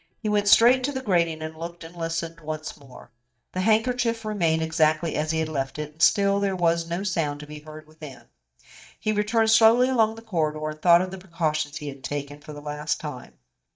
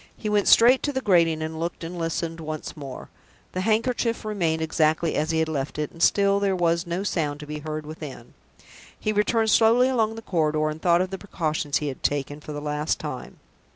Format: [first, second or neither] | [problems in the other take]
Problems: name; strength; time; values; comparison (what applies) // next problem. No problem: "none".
second | noise reduction (neural mask model DeepFilterNet 3)